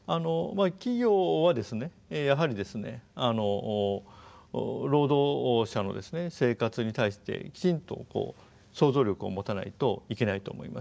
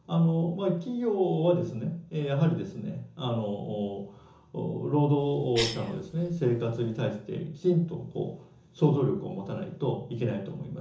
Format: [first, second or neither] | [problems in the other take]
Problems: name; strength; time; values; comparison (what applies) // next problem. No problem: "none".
first | background sound (Cough); 13 dB below the speech // room echo; dies away in 0.7 s